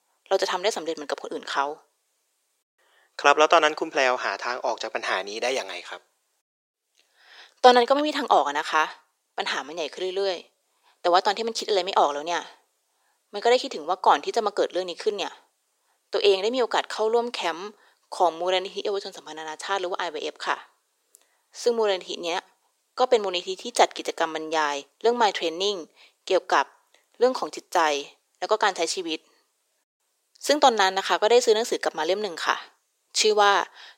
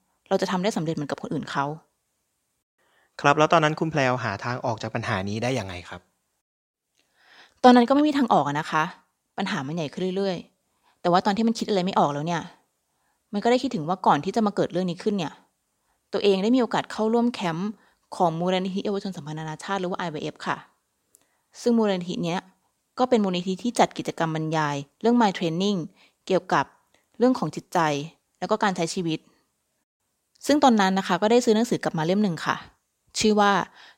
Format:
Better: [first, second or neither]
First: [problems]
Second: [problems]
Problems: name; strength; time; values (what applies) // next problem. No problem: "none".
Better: second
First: thin; very; fading below 400 Hz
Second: none